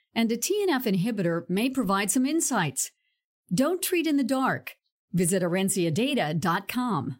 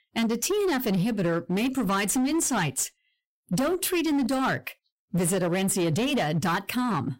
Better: first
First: none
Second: distortion; slight; 20% of the sound clipped

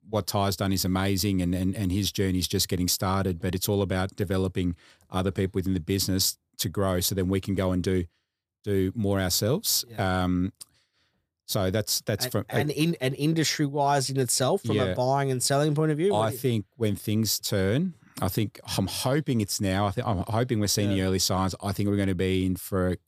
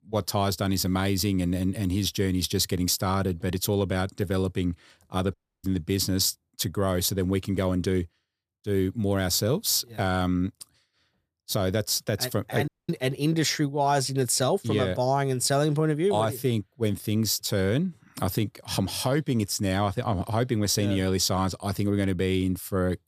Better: first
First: none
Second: audio cutting out; at 5.5 s and at 13 s

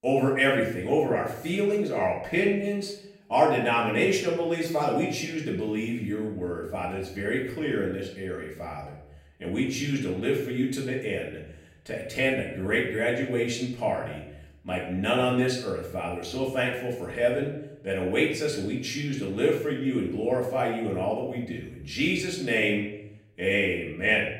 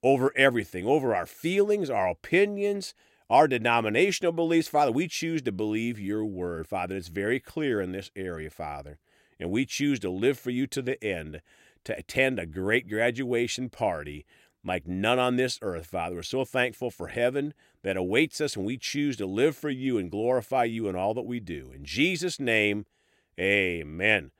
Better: second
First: off-mic speech; far // room echo; noticeable; dies away in 0.7 s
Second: none

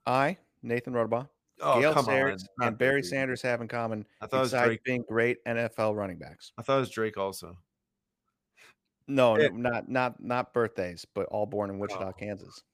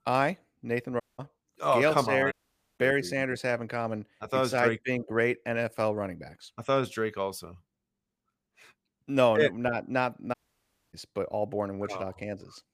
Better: first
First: none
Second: audio cutting out; at 1 s, at 2.5 s and at 10 s for 0.5 s

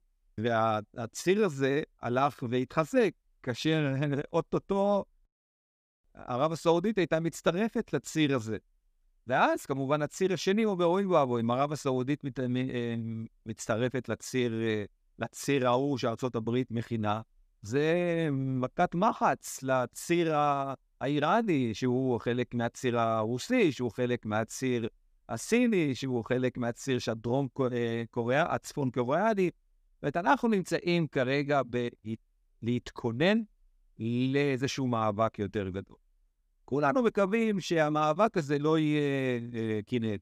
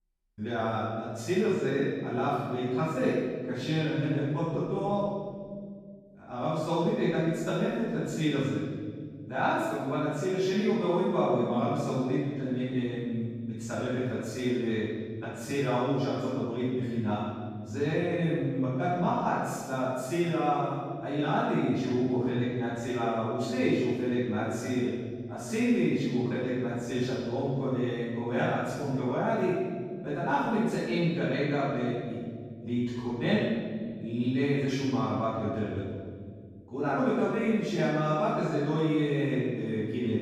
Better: first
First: none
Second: off-mic speech; far // room echo; strong; dies away in 1.9 s

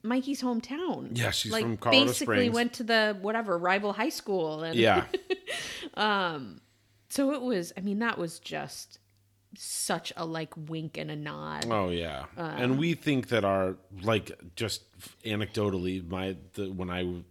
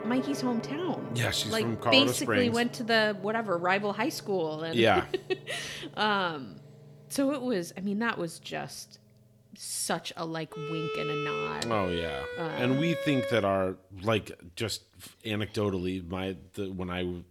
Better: first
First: none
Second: background music; loud; until 13 s; 9 dB below the speech

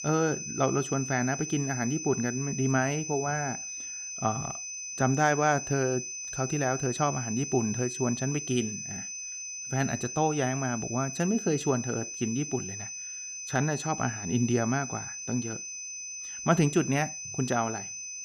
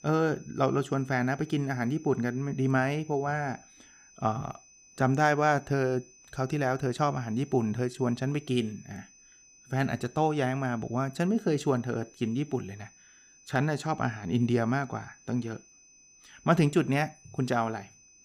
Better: second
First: high-pitched whine; loud; throughout; 6 kHz, 6 dB below the speech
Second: high-pitched whine; faint; throughout; 6 kHz, 25 dB below the speech

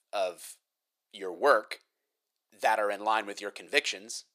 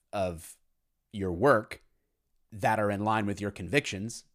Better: second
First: thin; very; fading below 450 Hz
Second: none

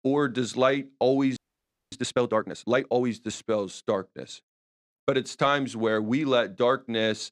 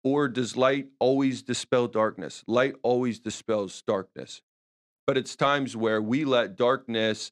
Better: second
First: audio freezing; at 1.5 s for 0.5 s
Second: none

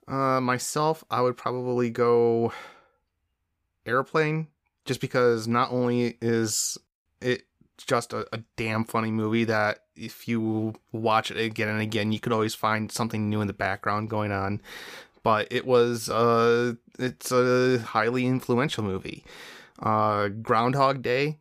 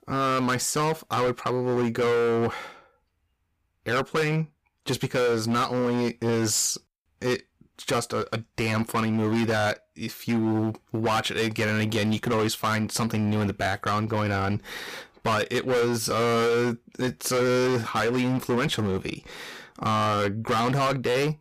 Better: first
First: none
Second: distortion; heavy; 19% of the sound clipped

